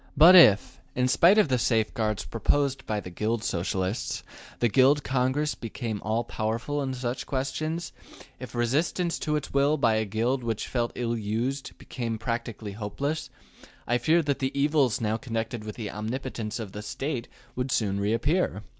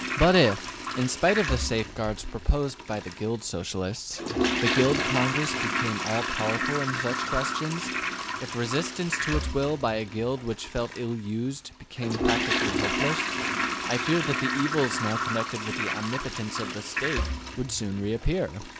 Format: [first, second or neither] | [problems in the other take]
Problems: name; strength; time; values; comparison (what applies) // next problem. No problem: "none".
first | background sound (Toilet flush); 2 dB below the speech